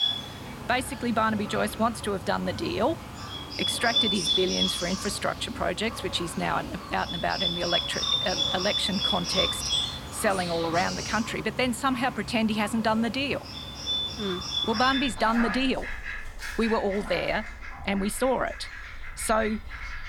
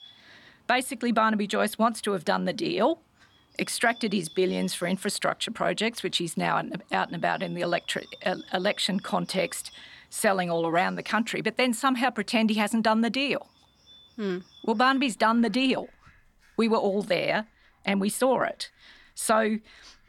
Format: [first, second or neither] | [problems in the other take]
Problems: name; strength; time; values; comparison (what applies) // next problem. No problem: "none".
second | animal sounds; loud; throughout; 2 dB below the speech; faint in the second